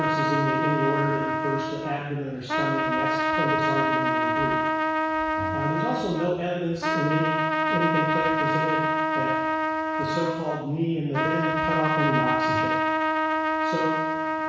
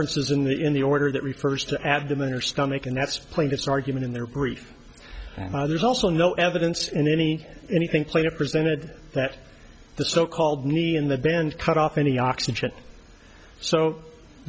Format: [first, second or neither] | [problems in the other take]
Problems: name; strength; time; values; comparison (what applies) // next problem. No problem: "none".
second | background sound (Trumpet); 4 dB above the speech // room echo; dies away in 1.1 s